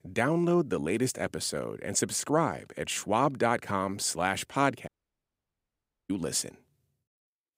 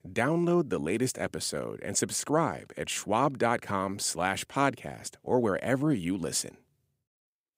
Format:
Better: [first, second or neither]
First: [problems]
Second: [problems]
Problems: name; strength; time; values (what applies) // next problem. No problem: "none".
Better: second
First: audio cutting out; at 5 s for 1 s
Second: none